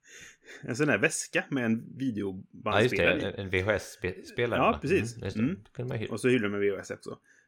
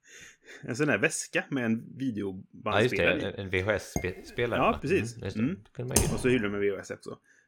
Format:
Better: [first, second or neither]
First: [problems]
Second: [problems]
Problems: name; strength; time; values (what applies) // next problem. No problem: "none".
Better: first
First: none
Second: clattering dishes; noticeable; at 4 s; peak 8 dB below the speech // keyboard typing; loud; at 6 s; peak 2 dB above the speech